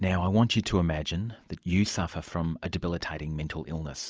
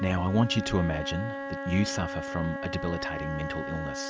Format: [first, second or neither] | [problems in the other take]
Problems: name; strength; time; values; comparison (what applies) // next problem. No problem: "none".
first | background sound (Wind instrument, woodwind instrument); 6 dB below the speech